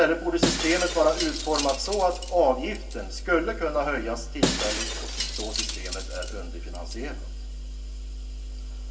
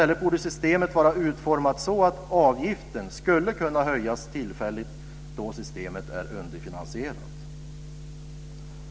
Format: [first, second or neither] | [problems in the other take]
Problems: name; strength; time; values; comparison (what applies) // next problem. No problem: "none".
second | background sound (Shatter); 5 dB below the speech // room echo; dies away in 0.2 s